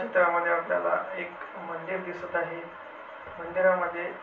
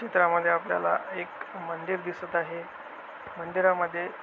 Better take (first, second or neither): second